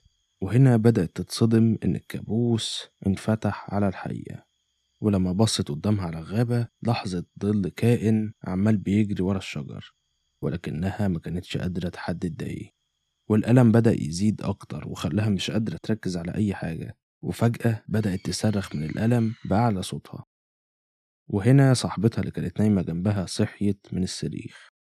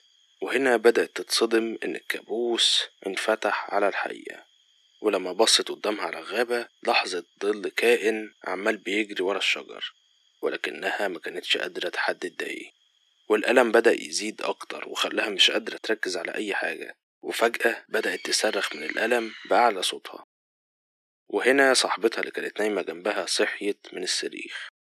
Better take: first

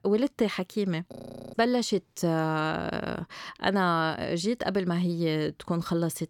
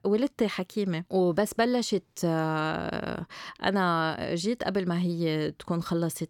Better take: second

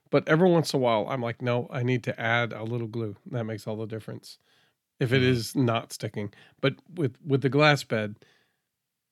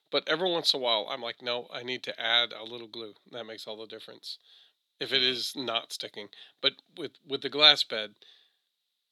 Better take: first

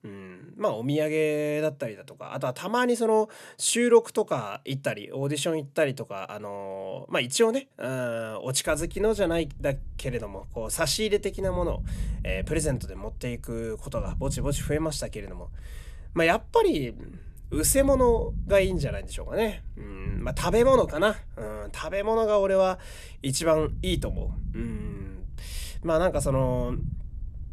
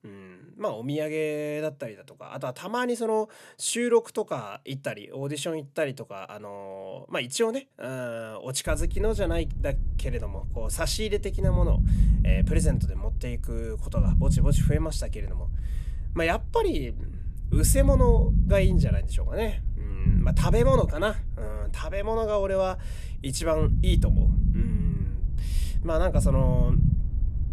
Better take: first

